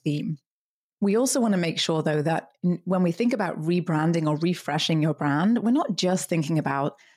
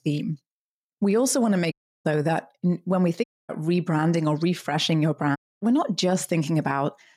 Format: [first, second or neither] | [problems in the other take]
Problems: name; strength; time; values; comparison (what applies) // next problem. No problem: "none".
first | audio cutting out; at 1.5 s, at 3 s and at 5.5 s